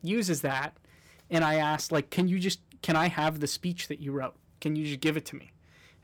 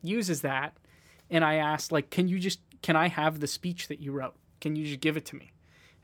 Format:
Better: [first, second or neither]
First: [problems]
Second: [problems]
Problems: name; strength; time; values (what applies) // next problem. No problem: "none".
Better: second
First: distortion; slight; 3% of the sound clipped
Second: none